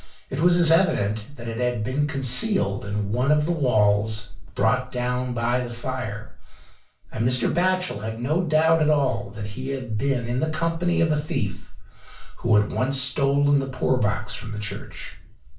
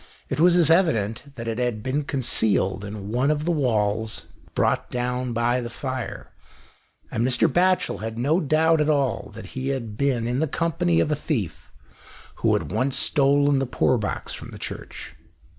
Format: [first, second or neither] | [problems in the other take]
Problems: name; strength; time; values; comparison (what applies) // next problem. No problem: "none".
second | room echo; dies away in 0.3 s